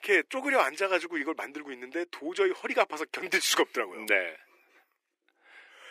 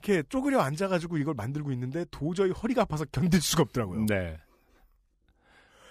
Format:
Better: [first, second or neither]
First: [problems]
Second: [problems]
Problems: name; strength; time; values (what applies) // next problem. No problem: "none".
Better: second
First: thin; very; fading below 350 Hz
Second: none